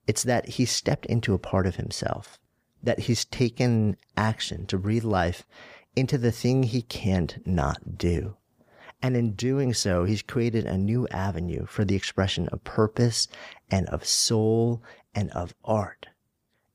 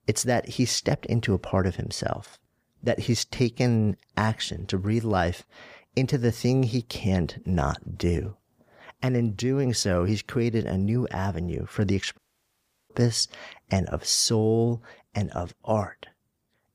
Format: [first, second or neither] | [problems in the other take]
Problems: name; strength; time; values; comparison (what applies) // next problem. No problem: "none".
first | audio cutting out; at 12 s for 0.5 s